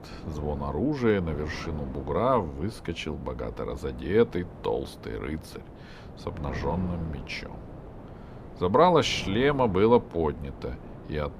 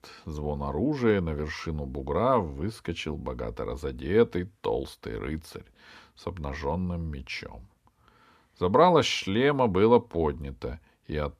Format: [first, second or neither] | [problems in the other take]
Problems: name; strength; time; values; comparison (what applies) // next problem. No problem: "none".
second | wind noise on the microphone; occasional gusts; 20 dB below the speech